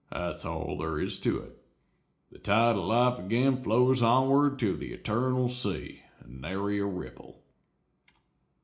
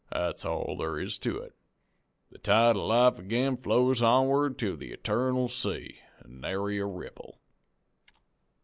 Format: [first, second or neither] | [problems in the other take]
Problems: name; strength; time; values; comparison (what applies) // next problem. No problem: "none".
second | room echo; dies away in 0.4 s